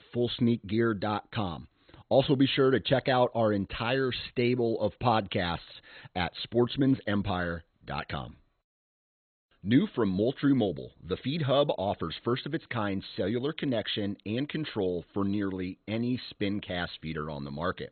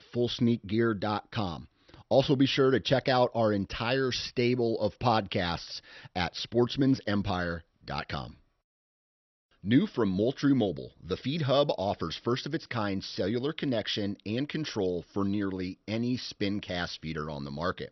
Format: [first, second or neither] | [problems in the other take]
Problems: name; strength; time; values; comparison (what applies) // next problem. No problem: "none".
second | garbled, watery; badly; nothing above 4 kHz; slightly in the second